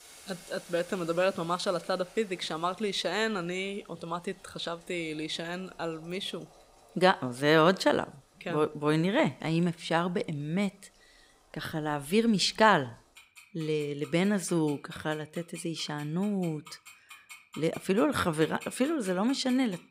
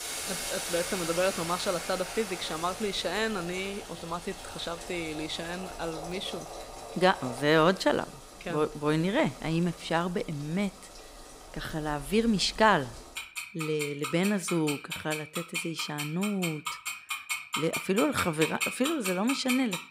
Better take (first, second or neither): first